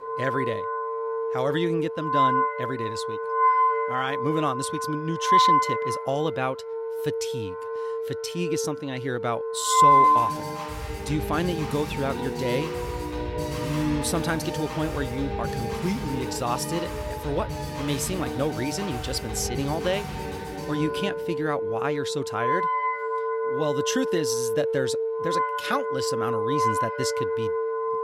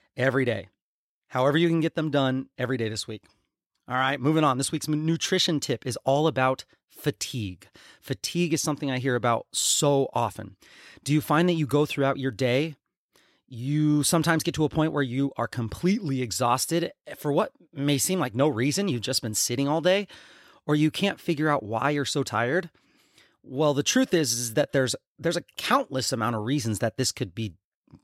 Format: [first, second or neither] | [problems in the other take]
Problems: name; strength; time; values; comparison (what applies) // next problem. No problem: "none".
second | background music; very loud; throughout; 3 dB above the speech